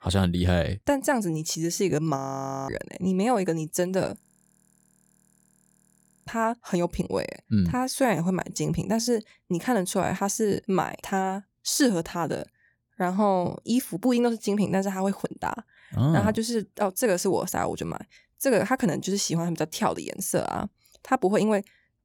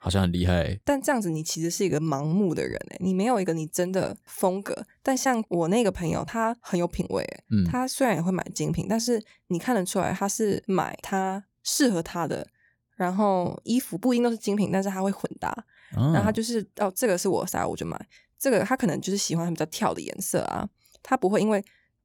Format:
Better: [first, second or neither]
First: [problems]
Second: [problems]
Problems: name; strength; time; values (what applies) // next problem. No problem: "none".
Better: second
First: audio freezing; at 2 s for 0.5 s and at 4 s for 2 s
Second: none